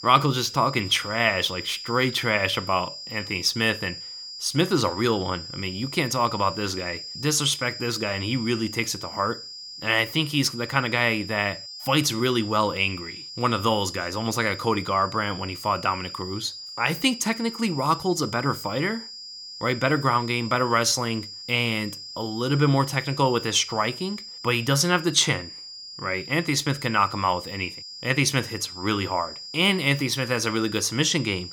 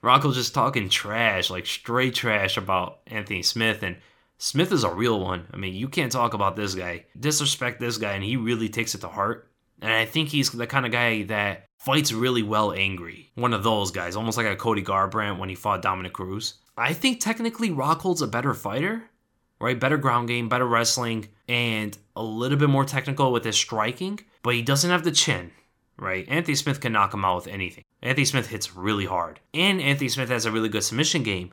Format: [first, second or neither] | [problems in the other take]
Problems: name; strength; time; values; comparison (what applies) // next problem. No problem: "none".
second | high-pitched whine; noticeable; throughout; 5 kHz, 10 dB below the speech